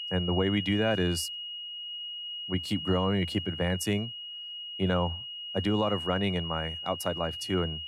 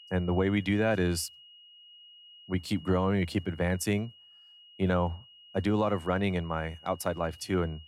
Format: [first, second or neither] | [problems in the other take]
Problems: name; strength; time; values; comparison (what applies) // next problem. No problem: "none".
second | high-pitched whine; loud; throughout; 3 kHz, 6 dB below the speech; faint in the second